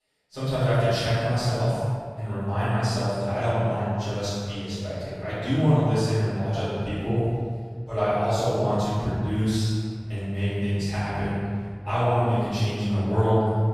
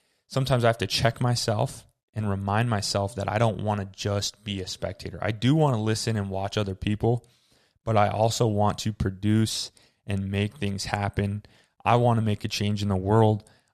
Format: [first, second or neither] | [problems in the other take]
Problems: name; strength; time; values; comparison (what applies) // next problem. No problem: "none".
second | off-mic speech; far // room echo; strong; dies away in 1.9 s